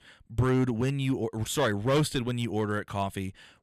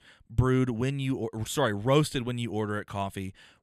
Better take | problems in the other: second | distortion; slight; 4% of the sound clipped

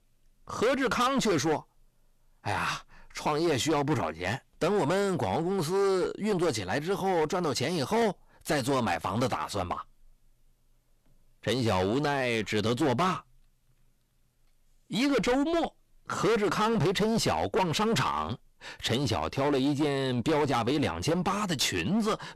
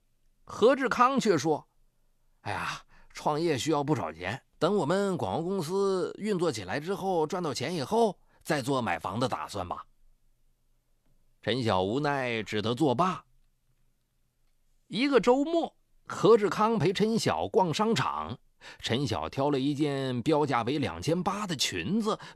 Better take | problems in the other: second | distortion; heavy; 15% of the sound clipped

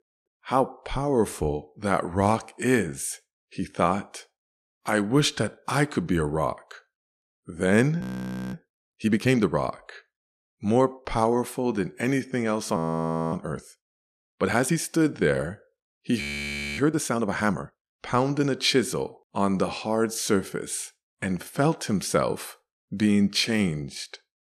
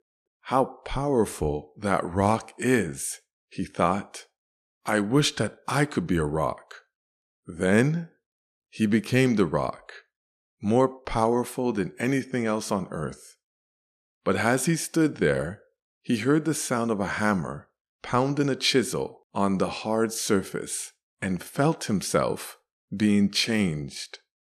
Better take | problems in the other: second | audio freezing; at 8 s for 0.5 s, at 13 s for 0.5 s and at 16 s for 0.5 s

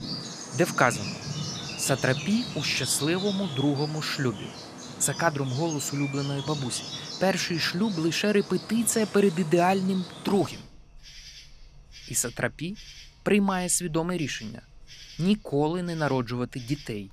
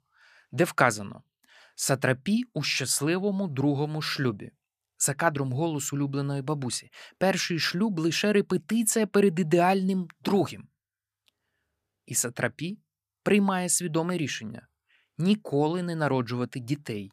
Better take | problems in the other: second | animal sounds; noticeable; throughout; 10 dB below the speech

